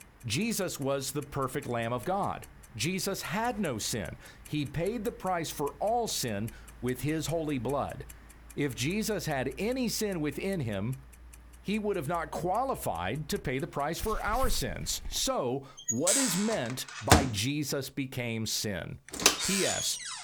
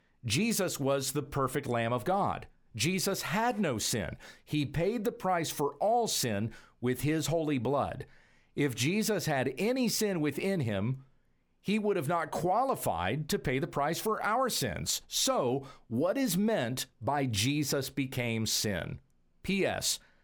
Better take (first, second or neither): second